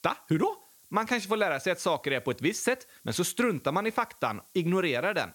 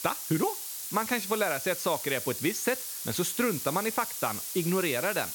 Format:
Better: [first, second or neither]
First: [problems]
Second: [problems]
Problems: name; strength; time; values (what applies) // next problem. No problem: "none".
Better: first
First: hiss; faint; throughout; 25 dB below the speech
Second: hiss; loud; throughout; 4 dB below the speech